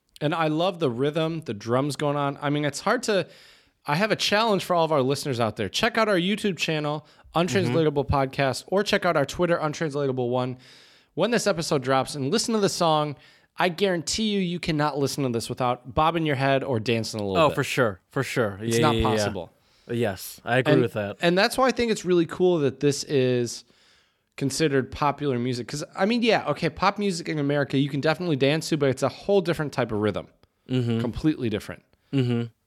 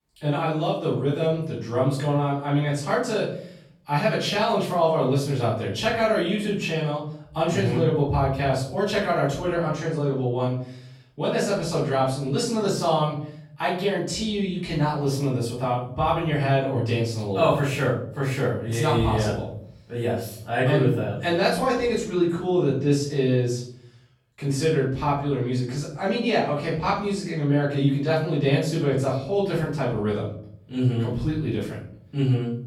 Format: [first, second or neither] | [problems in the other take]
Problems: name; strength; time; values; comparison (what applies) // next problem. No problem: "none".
first | off-mic speech; far // room echo; noticeable; dies away in 0.6 s